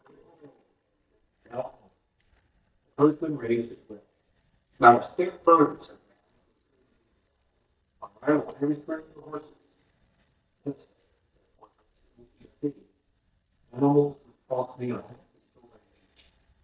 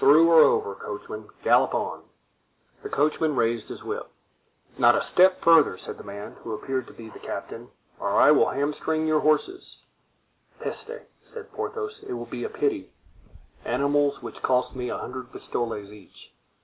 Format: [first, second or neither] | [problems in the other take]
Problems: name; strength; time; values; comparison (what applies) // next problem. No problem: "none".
second | noise reduction (neural mask model DeepFilterNet 3)